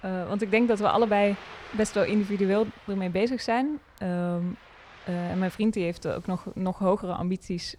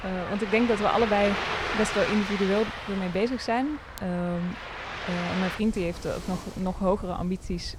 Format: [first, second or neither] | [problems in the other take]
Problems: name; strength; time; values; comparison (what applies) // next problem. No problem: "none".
first | rain or running water; loud; throughout; 6 dB below the speech; faint in the first